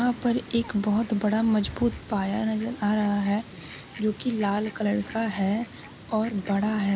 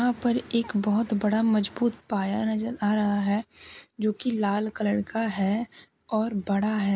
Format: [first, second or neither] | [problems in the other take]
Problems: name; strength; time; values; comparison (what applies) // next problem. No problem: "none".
second | background sound (Fowl); 16 dB below the speech